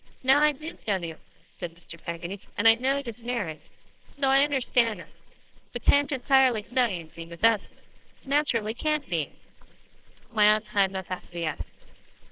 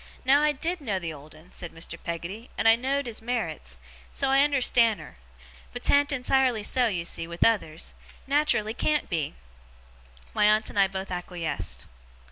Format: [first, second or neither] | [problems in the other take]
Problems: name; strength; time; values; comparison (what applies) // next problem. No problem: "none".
second | noise reduction (neural separator model SepFormer WHAMR!)